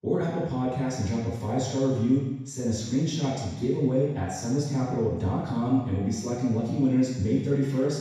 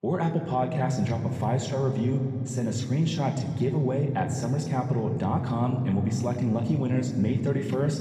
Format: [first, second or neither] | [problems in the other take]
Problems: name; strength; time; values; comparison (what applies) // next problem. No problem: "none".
second | room echo; strong; dies away in 1.1 s; slight in the second // off-mic speech; far; somewhat distant in the second